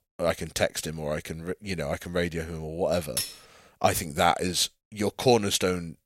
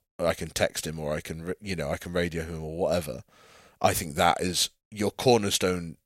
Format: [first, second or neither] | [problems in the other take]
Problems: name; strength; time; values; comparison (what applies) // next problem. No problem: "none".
second | clattering dishes; noticeable; at 3 s; peak 3 dB below the speech